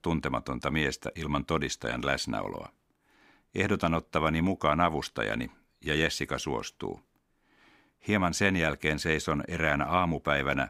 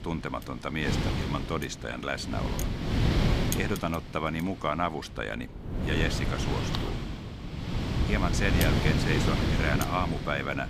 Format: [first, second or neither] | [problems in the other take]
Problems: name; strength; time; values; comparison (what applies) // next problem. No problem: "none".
first | wind noise on the microphone; heavy; 3 dB below the speech